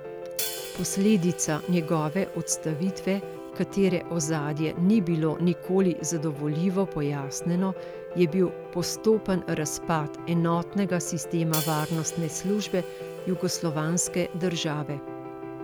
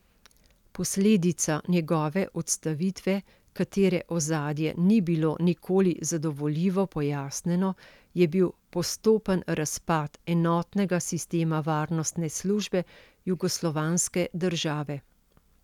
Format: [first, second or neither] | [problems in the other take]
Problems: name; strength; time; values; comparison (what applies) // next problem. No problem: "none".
second | background sound (Hi-hat + Piano); 10 dB below the speech